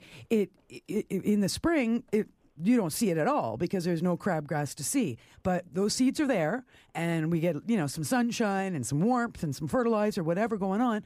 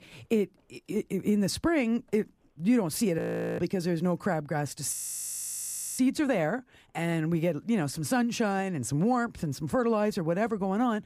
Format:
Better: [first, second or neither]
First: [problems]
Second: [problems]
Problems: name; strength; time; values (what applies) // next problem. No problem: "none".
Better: first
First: none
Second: audio freezing; at 3 s and at 5 s for 1 s